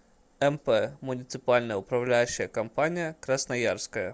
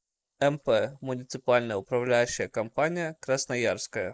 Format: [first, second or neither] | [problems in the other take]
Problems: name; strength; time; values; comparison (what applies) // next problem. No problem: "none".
first | noise reduction (neural mask model Resemble Enhance denoiser)